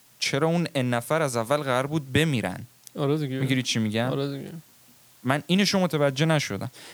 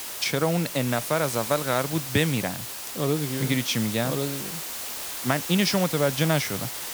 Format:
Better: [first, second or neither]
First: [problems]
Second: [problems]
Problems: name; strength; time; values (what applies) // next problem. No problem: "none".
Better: first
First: hiss; faint; throughout; 30 dB below the speech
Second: hiss; loud; throughout; 5 dB below the speech